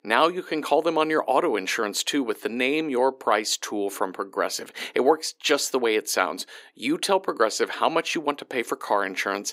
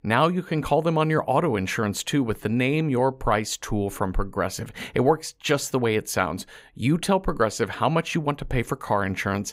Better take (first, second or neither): second